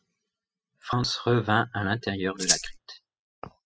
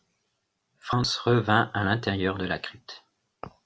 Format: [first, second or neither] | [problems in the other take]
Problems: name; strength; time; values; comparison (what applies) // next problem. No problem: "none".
second | noise reduction (classical method spectral subtraction)